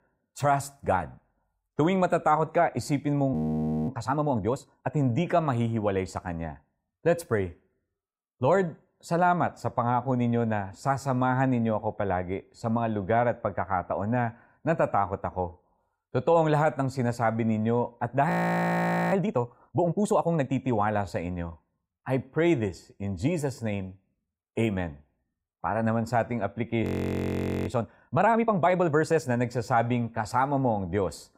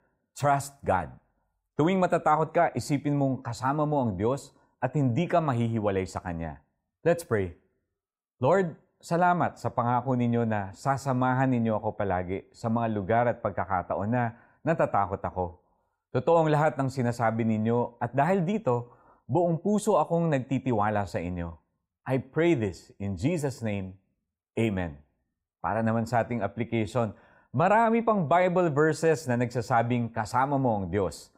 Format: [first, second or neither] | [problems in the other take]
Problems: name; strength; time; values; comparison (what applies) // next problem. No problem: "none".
second | audio freezing; at 3.5 s for 0.5 s, at 18 s for 1 s and at 27 s for 1 s